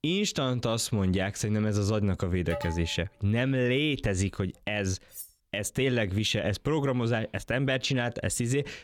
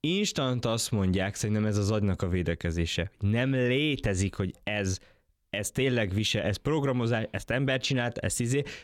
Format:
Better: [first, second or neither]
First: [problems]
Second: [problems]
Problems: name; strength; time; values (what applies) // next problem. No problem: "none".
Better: second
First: alarm; noticeable; at 2.5 s; peak 9 dB below the speech // clattering dishes; faint; at 5 s; peak 15 dB below the speech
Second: none